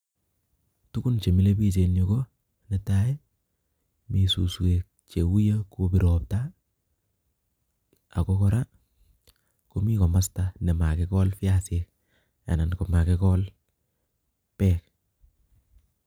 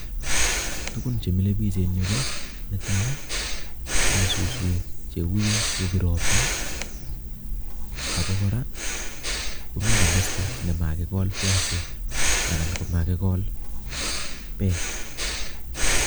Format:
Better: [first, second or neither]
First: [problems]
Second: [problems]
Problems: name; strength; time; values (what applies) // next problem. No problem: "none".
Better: first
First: none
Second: background sound (Breathing); 2 dB above the speech